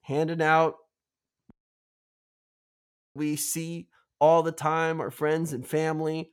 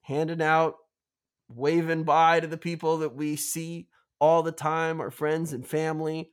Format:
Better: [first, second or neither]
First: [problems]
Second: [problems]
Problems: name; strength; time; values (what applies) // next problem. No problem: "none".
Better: second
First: audio cutting out; at 1.5 s for 1.5 s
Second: none